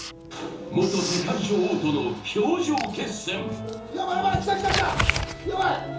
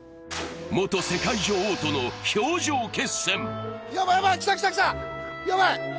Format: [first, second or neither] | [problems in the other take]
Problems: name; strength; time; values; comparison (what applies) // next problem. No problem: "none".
second | background sound (Writing); 7 dB below the speech // room echo; dies away in 1.2 s